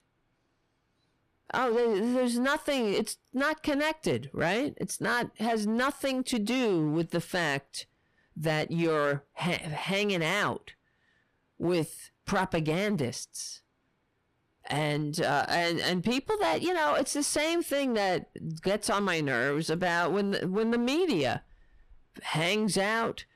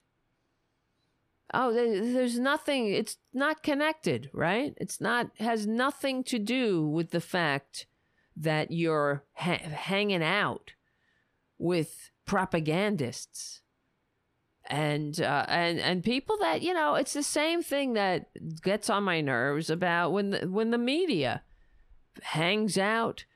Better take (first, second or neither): second